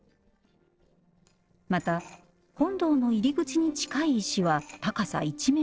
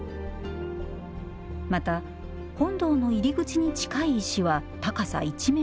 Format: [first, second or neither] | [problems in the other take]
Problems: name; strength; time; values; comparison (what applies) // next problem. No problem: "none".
second | noise reduction (neural separator model SepFormer DNS4)